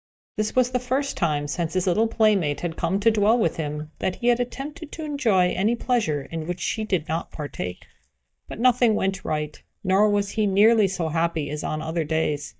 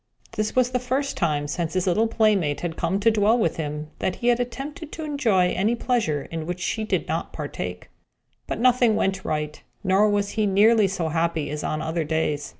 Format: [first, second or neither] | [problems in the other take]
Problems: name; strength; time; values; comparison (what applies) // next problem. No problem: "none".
second | noise reduction (neural mask model DeepFilterNet 3)